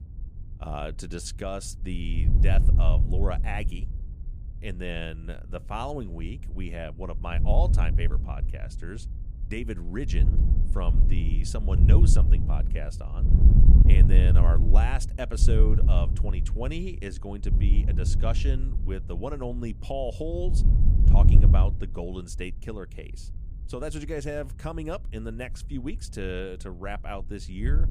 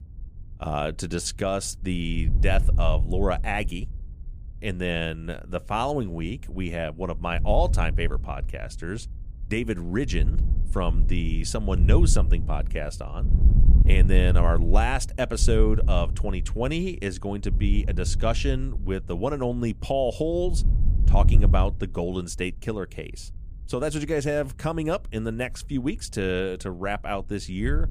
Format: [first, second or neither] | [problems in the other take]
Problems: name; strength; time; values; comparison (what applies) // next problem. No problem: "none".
second | wind noise on the microphone; heavy; 4 dB below the speech; occasional gusts in the second